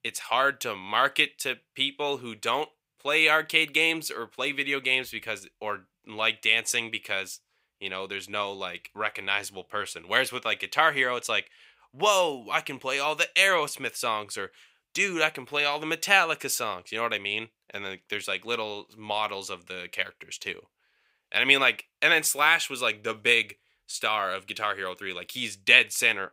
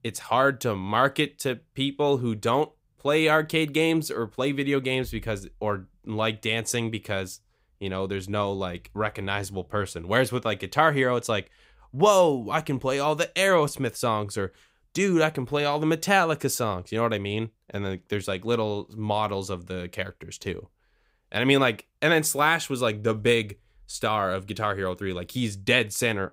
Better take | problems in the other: second | thin; somewhat; fading below 1 kHz

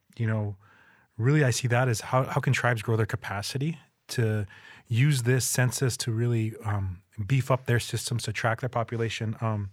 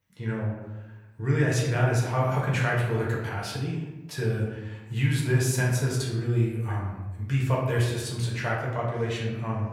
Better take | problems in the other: first | room echo; noticeable; dies away in 0.9 s // off-mic speech; far

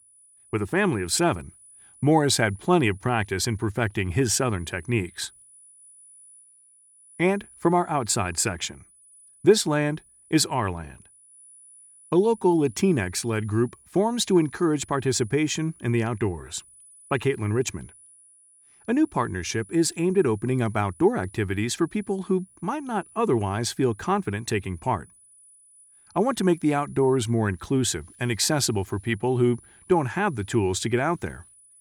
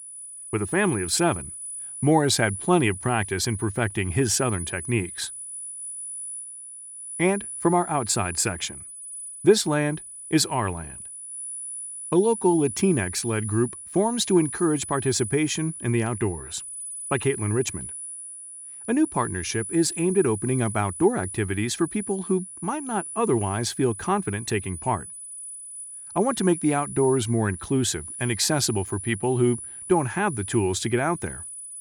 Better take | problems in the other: first | high-pitched whine; loud; throughout; 10 kHz, 9 dB below the speech; faint in the first

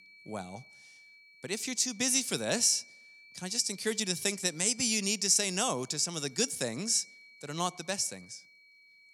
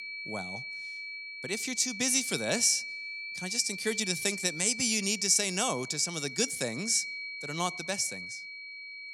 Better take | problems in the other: first | high-pitched whine; loud; throughout; 2.5 kHz, 9 dB below the speech; faint in the first

